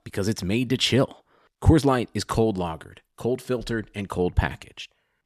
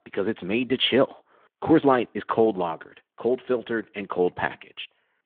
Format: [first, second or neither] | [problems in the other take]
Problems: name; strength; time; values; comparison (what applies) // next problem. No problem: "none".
first | phone-call audio; nothing above 3.5 kHz